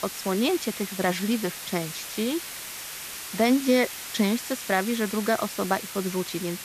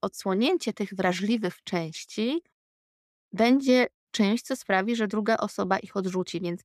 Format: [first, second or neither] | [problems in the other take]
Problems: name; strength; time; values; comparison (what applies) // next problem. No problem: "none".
second | hiss; loud; throughout; 8 dB below the speech